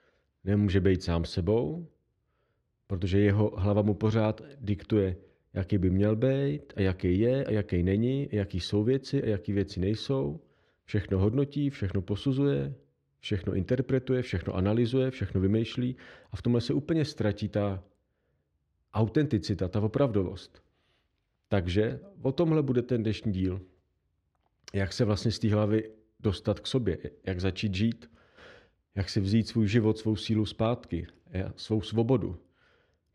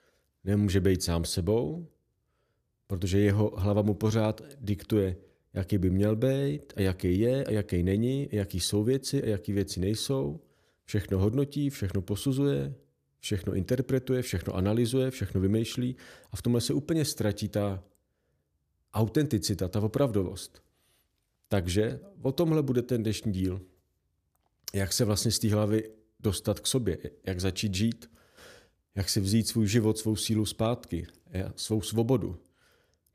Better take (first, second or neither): second